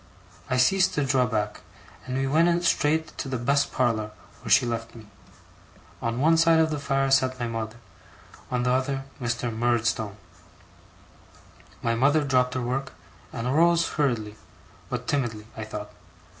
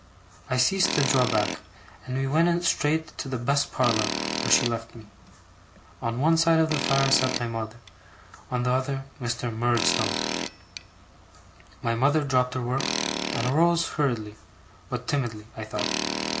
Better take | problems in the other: first | background sound (Tools); 6 dB below the speech

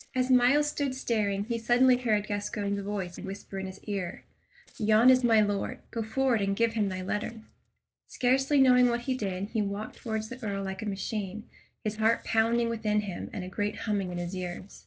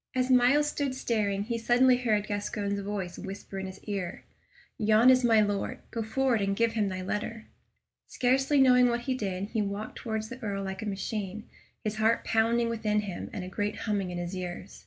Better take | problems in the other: second | noise reduction (neural separator model SepFormer DNS4)

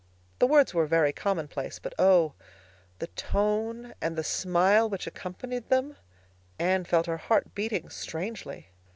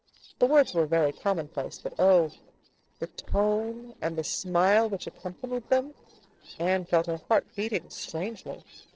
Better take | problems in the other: first | noise reduction (neural separator model SepFormer DNS4)

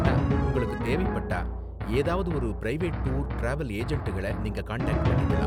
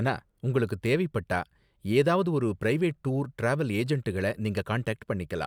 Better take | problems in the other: second | background sound (Drum); 3 dB above the speech

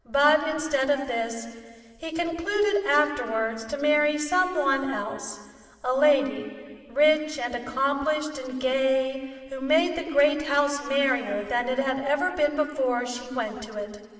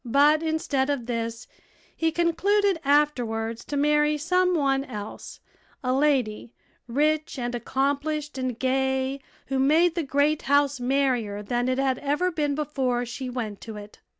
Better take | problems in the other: second | room echo; dies away in 2 s

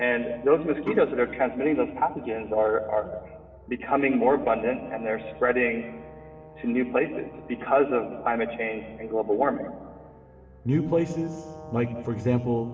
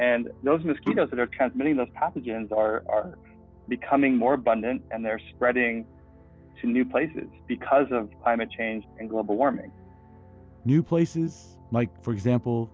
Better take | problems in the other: second | background sound (Brass instrument); 19 dB below the speech // room echo; dies away in 1.9 s

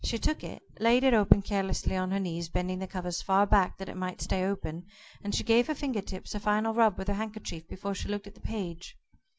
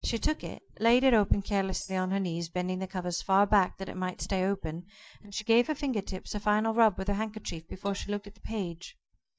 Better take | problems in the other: first | noise reduction (neural mask model DeepFilterNet 3)

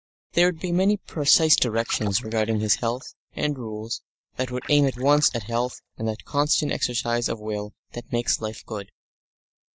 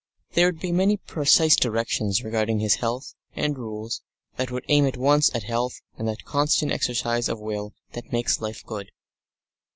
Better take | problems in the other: second | noise reduction (neural mask model DeepFilterNet 3)

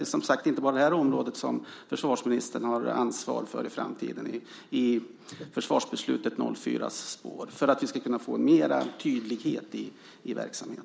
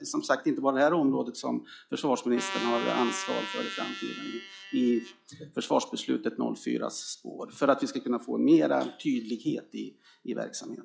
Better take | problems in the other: first | noise reduction (classical method log-MMSE)

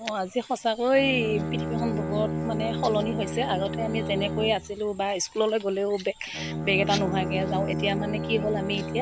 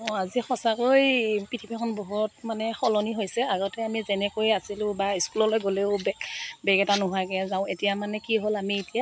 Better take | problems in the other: second | background sound (Bowed string instrument); 4 dB below the speech

